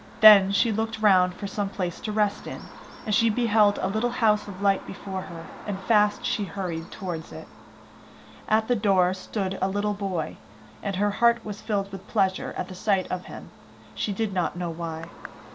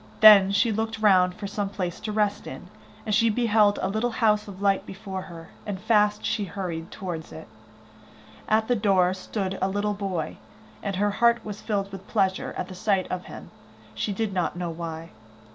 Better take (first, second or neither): second